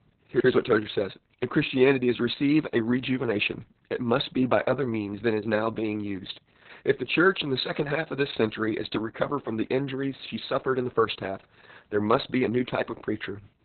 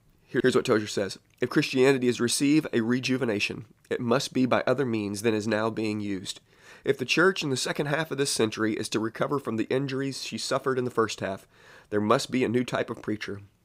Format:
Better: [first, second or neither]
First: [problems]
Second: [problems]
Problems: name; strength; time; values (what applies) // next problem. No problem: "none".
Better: second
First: garbled, watery; badly; nothing above 4 kHz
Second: none